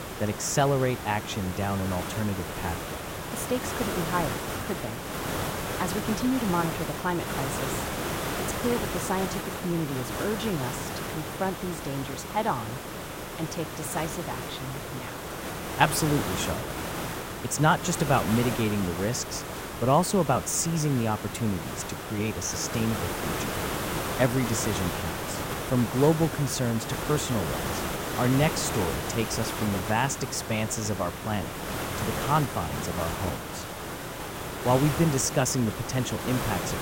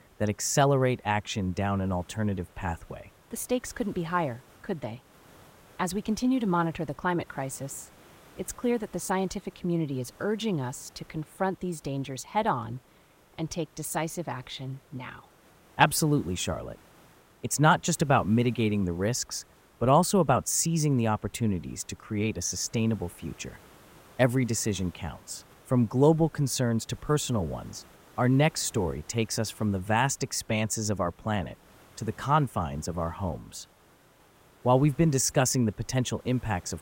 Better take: second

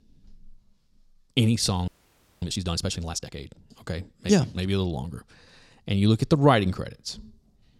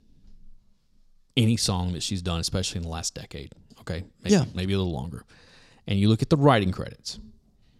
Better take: second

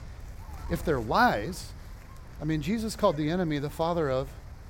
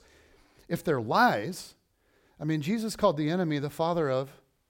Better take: second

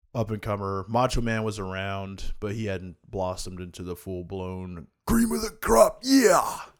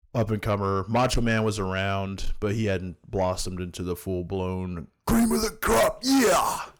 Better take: first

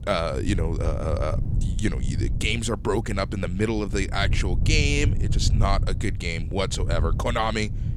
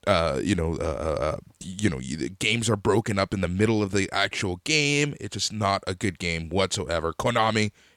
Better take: second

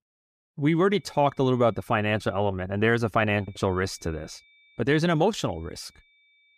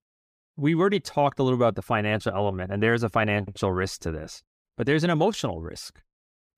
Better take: second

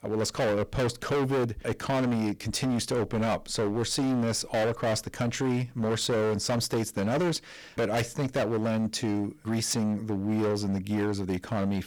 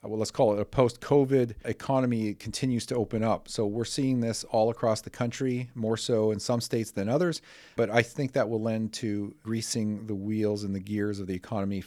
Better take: second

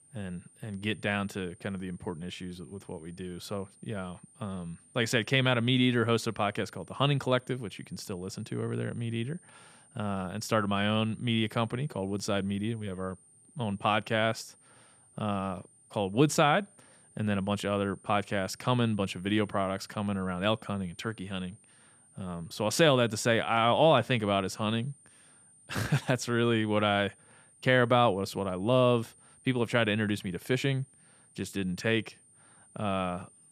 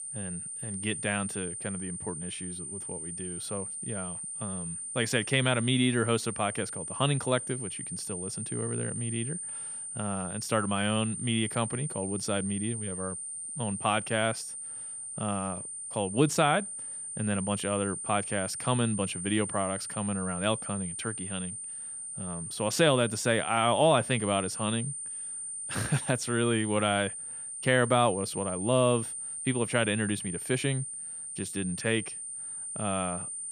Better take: first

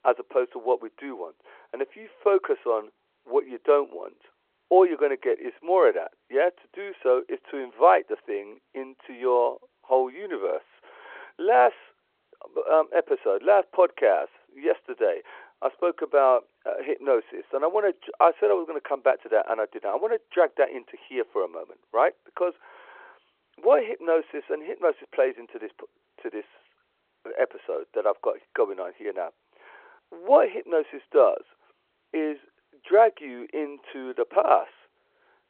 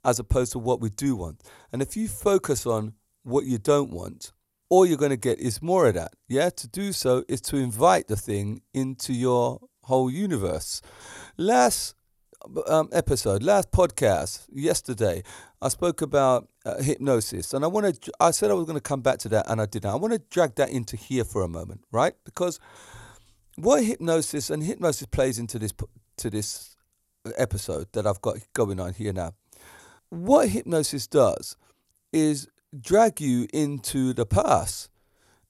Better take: second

